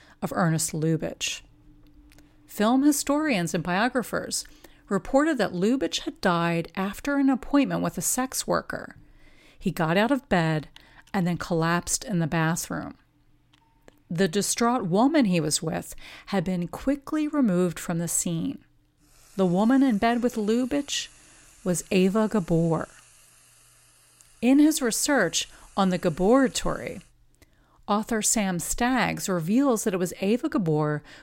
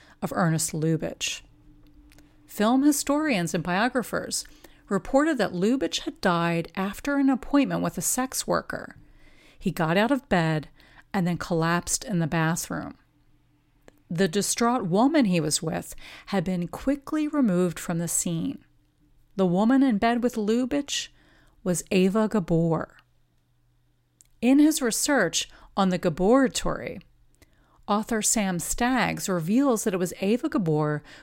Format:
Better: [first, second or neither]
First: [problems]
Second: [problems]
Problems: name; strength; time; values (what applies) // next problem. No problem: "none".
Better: second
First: household noises; faint; from 11 s on; 30 dB below the speech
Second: none